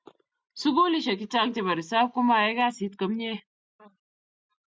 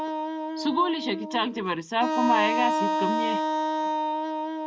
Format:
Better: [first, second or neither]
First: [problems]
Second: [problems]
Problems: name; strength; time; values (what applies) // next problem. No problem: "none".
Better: first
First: none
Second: background sound (Wind instrument, woodwind instrument); 1 dB above the speech